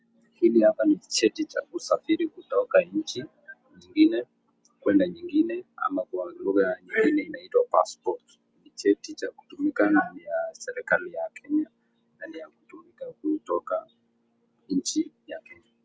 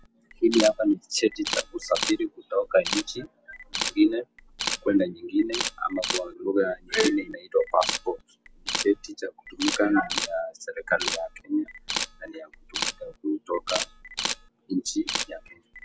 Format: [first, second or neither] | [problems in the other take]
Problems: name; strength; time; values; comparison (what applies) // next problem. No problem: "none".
first | background sound (Camera); 7 dB below the speech